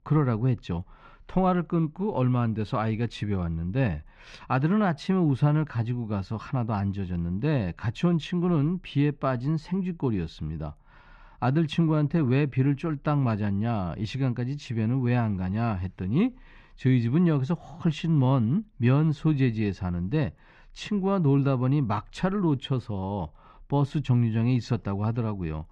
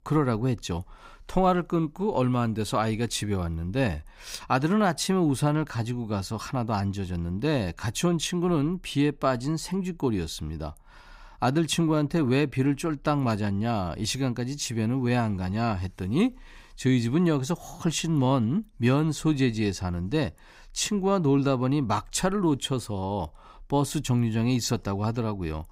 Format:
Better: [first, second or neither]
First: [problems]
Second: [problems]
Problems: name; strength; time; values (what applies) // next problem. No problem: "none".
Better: second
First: muffled; slightly; fading above 2.5 kHz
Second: none